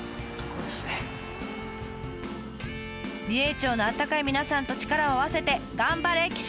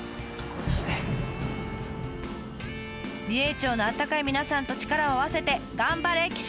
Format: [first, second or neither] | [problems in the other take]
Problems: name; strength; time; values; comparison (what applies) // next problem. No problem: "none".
first | background sound (Fireworks); 6 dB below the speech